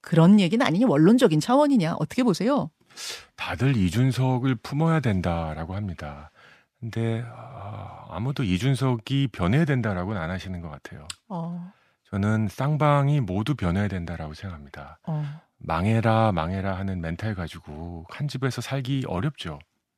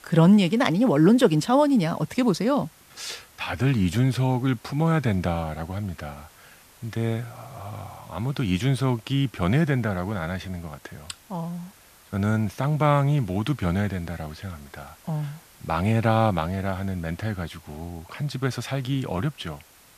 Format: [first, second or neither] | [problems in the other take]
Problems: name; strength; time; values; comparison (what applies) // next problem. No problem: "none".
first | hiss; faint; throughout; 25 dB below the speech